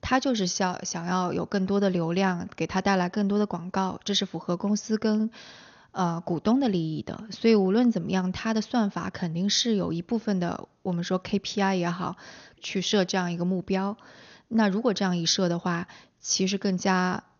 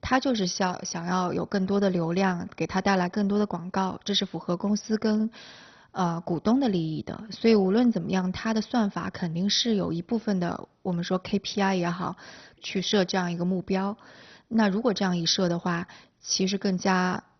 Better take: first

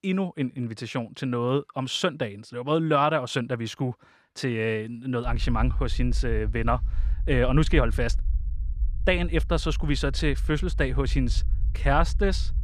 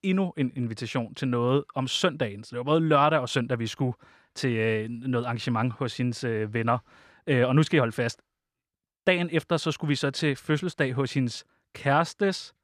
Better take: second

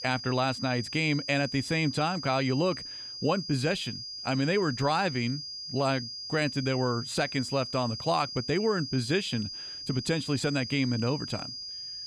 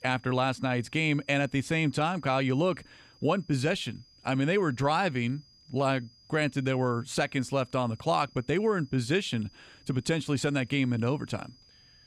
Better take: second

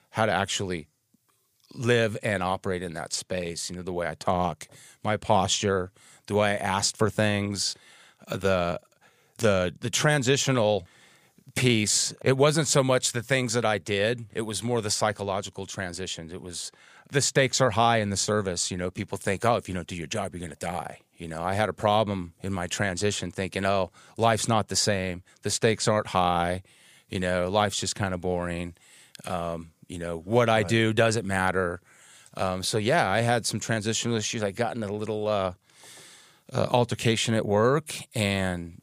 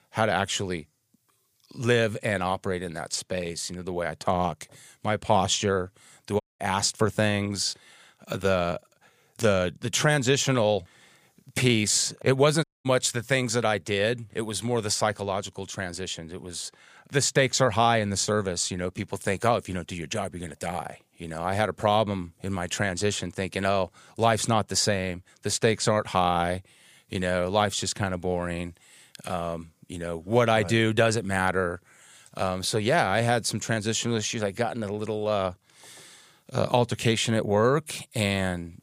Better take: first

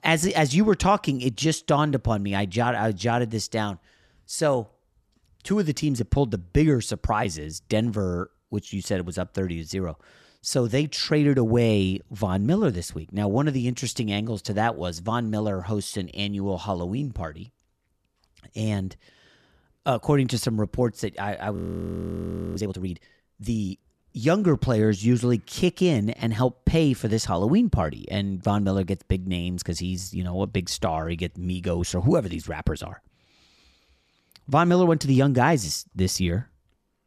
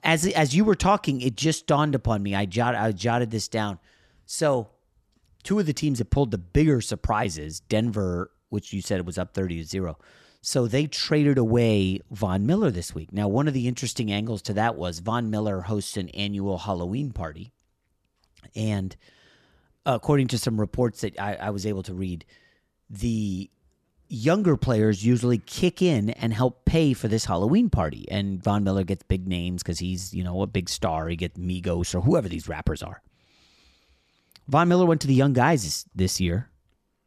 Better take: second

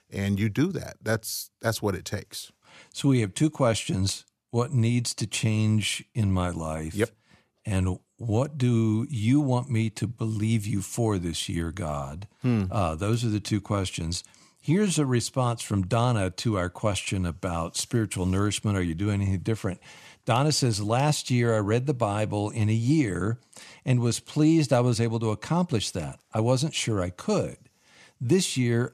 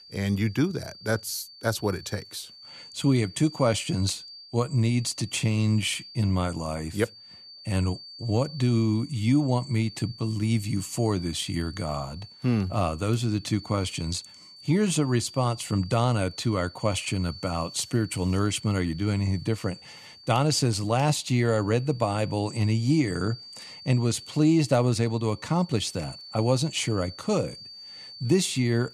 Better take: first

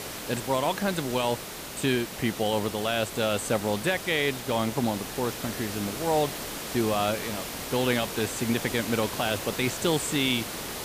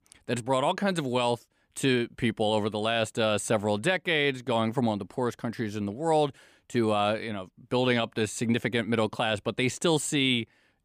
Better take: second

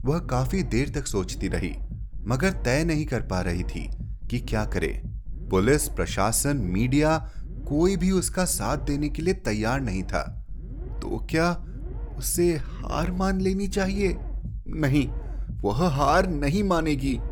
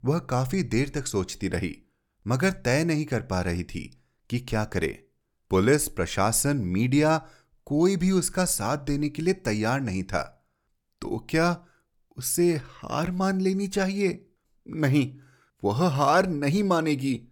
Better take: second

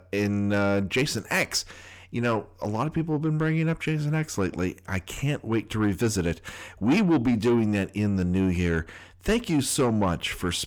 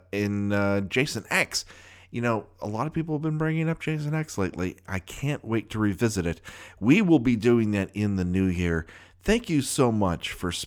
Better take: second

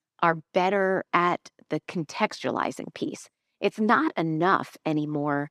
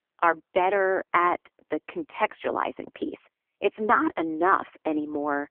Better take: first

